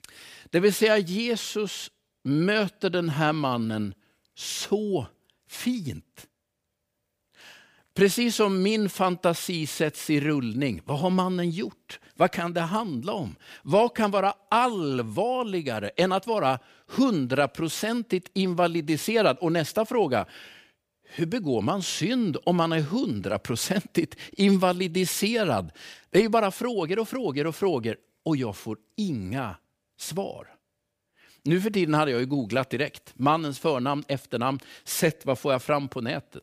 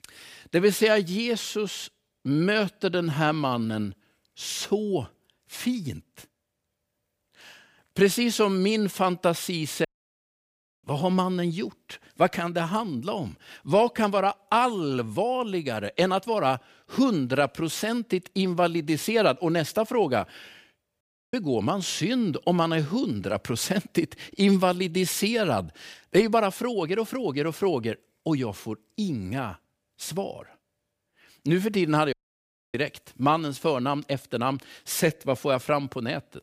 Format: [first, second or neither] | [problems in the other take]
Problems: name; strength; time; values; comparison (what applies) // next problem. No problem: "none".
first | audio cutting out; at 10 s for 1 s, at 21 s and at 32 s for 0.5 s